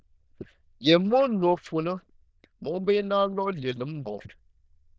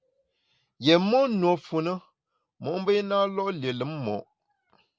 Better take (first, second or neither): second